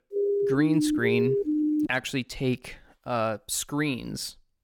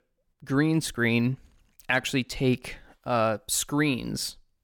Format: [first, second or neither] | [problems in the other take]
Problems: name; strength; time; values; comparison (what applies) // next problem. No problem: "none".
second | siren; loud; until 2 s; peak 4 dB above the speech